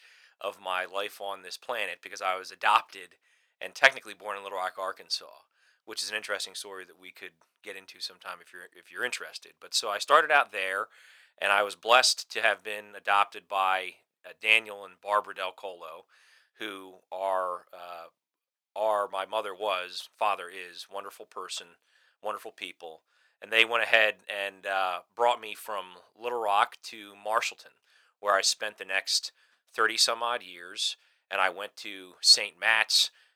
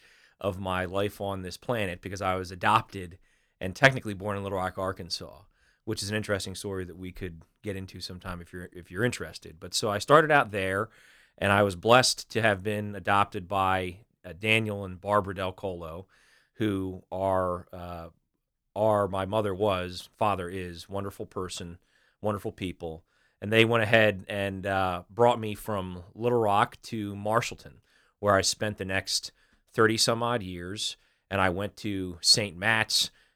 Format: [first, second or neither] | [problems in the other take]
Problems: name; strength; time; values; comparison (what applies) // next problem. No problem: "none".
second | thin; very; fading below 750 Hz